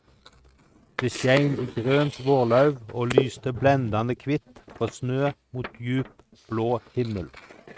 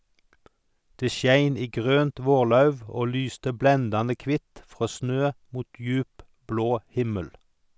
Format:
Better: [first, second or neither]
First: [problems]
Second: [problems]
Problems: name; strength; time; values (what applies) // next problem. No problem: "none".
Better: second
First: noise reduction (neural mask model RNNoise)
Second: none